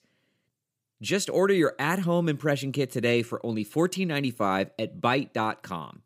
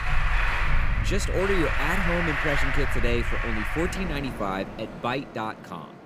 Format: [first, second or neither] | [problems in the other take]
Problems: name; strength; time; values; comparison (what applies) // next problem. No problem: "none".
first | traffic noise; very loud; throughout; 2 dB above the speech